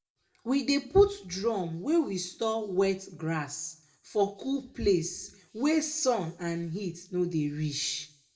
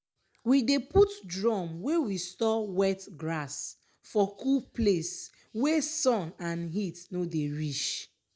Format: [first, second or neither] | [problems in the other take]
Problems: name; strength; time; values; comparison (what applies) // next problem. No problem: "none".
second | room echo; dies away in 0.3 s